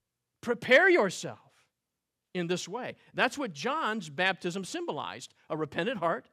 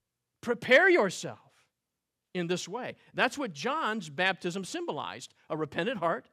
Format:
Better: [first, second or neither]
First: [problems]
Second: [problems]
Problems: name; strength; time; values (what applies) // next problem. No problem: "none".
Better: neither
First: none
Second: none